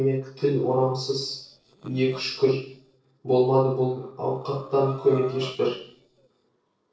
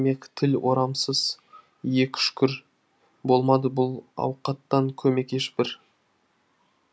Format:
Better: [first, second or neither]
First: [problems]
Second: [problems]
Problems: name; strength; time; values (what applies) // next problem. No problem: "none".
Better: second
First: noise reduction (neural separator model SepFormer DNS4)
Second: none